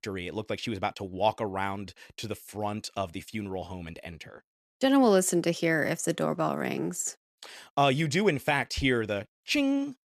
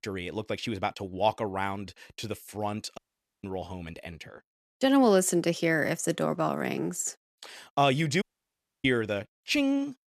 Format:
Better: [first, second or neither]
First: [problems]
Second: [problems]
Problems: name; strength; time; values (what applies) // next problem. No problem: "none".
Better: first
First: none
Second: audio cutting out; at 3 s and at 8 s for 0.5 s